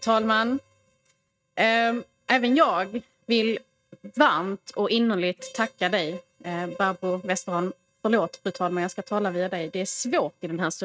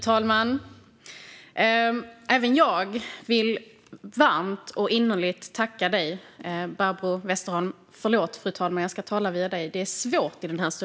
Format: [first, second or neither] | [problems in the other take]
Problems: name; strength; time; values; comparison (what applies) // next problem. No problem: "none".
second | noise reduction (neural mask model RNNoise)